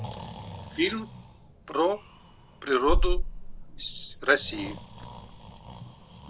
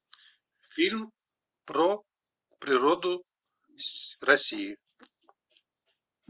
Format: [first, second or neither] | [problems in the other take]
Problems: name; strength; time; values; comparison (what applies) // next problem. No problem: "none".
second | background sound (Breathing); 1 dB below the speech